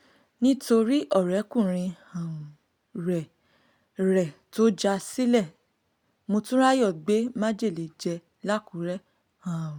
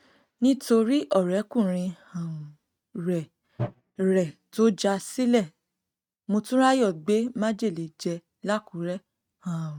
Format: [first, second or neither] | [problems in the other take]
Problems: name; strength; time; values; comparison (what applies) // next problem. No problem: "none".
first | noise reduction (neural mask model RNNoise)